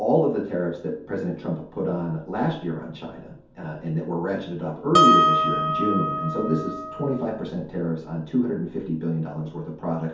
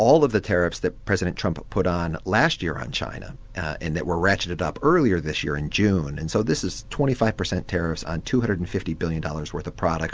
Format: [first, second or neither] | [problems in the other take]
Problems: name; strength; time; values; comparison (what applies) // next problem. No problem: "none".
second | background sound (Harp); 4 dB above the speech // room echo; dies away in 0.6 s